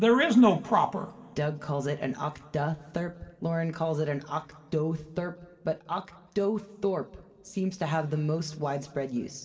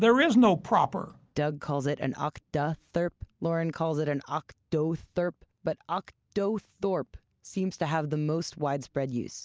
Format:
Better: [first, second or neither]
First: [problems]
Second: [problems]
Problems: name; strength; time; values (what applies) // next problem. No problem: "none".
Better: second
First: room echo; dies away in 2.3 s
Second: none